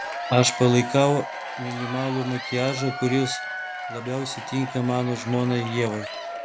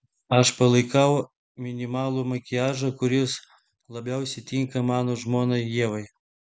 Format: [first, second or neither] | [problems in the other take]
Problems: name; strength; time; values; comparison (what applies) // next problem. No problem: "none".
second | background sound (Applause / Crowd / Cheering); 9 dB below the speech